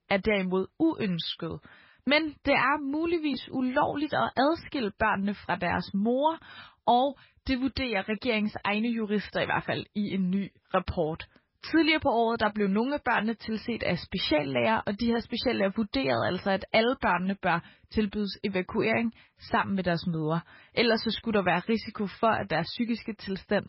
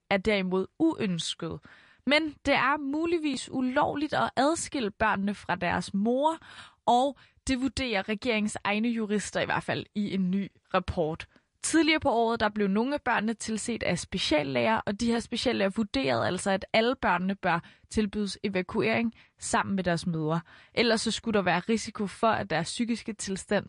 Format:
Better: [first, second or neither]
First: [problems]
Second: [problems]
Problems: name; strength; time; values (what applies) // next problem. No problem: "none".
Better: second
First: garbled, watery; badly; nothing above 5.5 kHz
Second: garbled, watery; slightly; nothing above 10 kHz